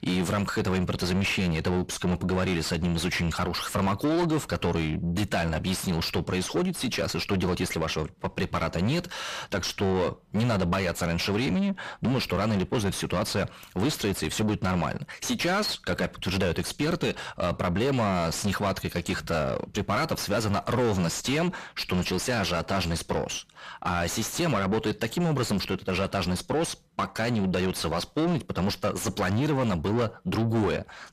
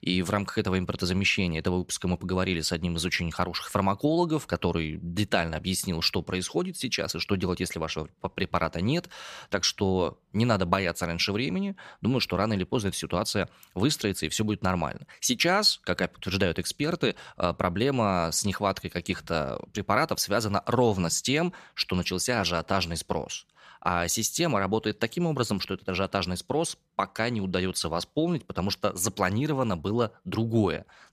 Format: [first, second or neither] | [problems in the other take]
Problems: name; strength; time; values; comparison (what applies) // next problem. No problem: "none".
second | distortion; heavy; 5 dB below the speech